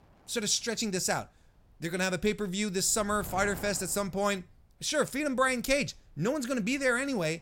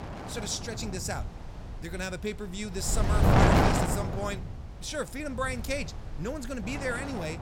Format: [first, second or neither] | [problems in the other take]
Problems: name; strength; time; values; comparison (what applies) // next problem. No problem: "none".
first | wind noise on the microphone; heavy; 5 dB above the speech; occasional gusts in the first